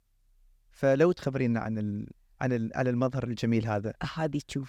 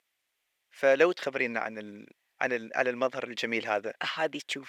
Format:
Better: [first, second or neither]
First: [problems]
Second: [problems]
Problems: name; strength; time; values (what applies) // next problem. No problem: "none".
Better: first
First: none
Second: thin; somewhat; fading below 500 Hz